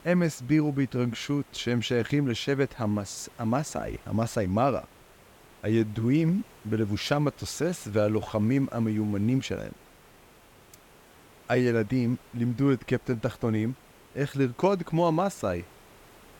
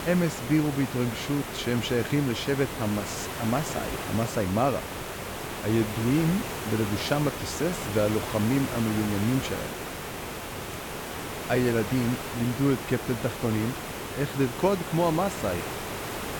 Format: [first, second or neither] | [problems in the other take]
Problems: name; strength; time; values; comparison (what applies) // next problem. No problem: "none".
first | hiss; loud; throughout; 6 dB below the speech; faint in the first